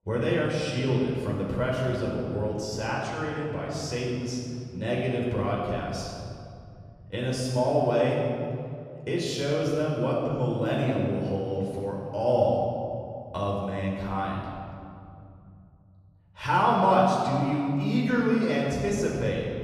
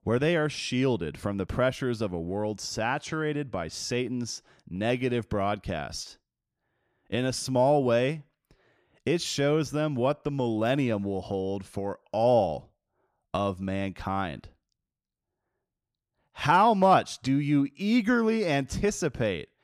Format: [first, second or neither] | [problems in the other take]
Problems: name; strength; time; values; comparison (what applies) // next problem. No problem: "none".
second | room echo; noticeable; dies away in 2.6 s // off-mic speech; far